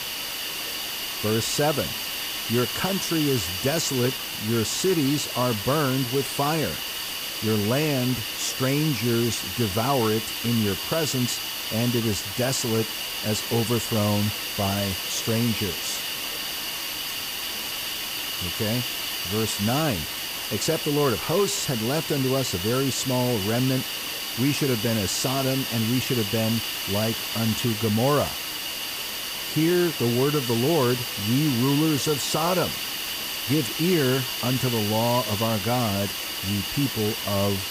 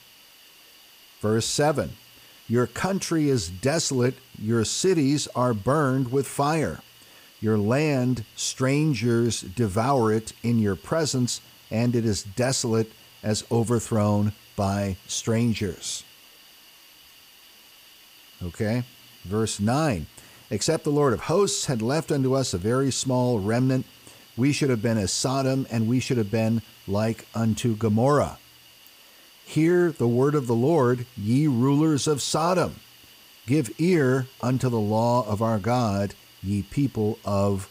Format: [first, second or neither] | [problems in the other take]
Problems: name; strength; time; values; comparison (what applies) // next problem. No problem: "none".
second | hiss; loud; throughout; 2 dB below the speech; faint in the second